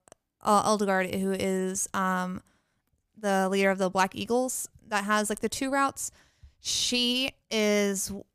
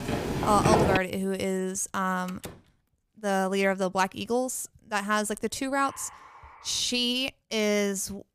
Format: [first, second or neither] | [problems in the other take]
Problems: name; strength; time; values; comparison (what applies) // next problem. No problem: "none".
first | footsteps; loud; at the start; peak 5 dB above the speech // door banging; faint; at 2.5 s; peak 15 dB below the speech // dog barking; faint; from 5.5 to 7 s; peak 15 dB below the speech